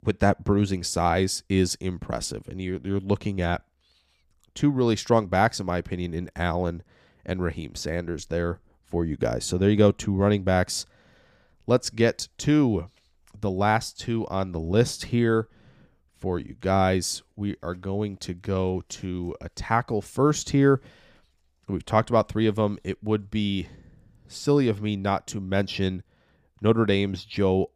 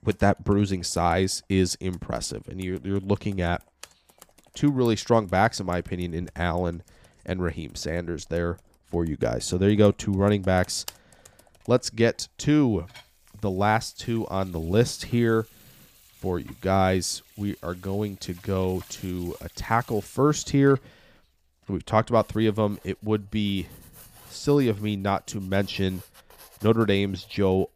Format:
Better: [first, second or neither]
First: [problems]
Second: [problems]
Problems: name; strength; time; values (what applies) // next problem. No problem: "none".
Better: first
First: none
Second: household noises; faint; throughout; 25 dB below the speech